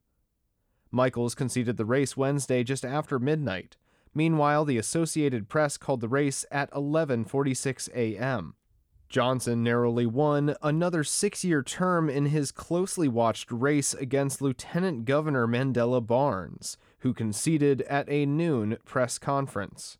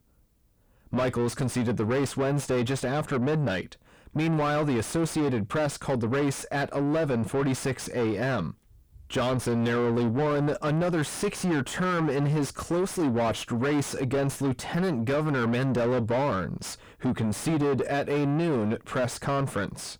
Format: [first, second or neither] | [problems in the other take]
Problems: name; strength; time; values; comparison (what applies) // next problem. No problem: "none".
first | distortion; heavy; 5 dB below the speech